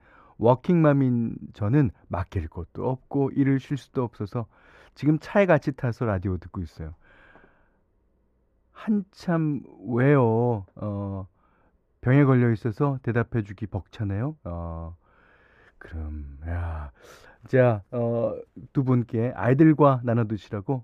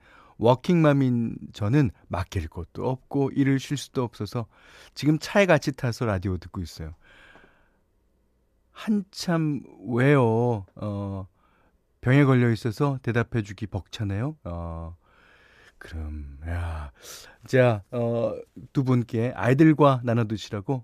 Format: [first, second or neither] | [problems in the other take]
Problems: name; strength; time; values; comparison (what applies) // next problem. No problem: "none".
second | muffled; slightly; fading above 2.5 kHz